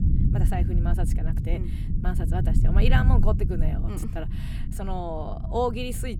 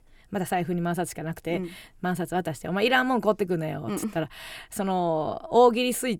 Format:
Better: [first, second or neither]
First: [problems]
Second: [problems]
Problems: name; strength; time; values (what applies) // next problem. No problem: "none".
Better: second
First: low rumble; loud; throughout; 7 dB below the speech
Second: none